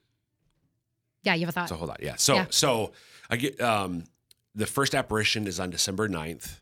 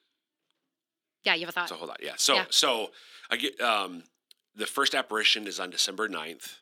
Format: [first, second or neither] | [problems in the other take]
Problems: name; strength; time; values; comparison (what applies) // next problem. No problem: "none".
first | thin; somewhat; fading below 250 Hz